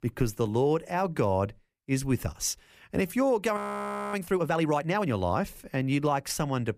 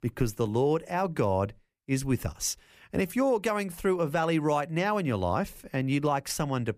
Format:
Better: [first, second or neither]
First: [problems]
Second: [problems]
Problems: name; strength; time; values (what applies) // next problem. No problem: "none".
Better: second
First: audio freezing; at 3.5 s for 0.5 s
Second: none